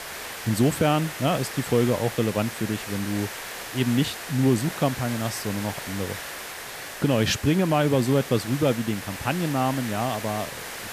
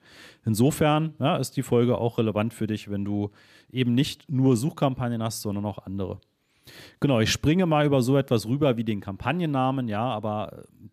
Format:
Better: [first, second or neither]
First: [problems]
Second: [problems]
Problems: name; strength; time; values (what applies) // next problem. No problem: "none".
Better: second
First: hiss; loud; throughout; 9 dB below the speech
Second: none